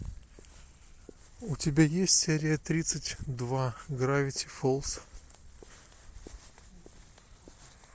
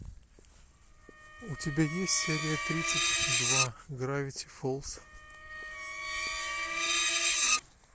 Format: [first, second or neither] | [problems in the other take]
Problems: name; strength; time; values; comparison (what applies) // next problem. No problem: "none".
first | background sound (Screech); 4 dB above the speech